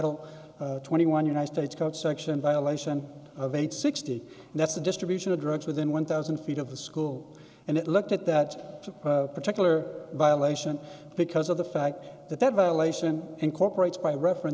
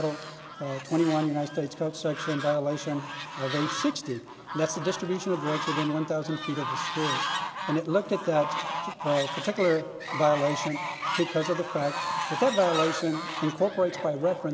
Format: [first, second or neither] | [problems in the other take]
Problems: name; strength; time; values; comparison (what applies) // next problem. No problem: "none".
first | background sound (Fowl); 6 dB below the speech